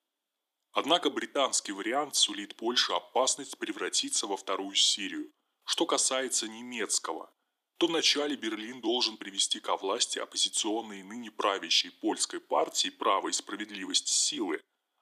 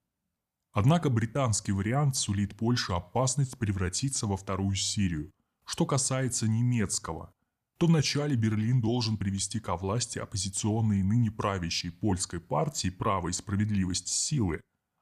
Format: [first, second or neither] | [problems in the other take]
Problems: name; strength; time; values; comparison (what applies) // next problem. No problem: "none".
second | thin; very; fading below 300 Hz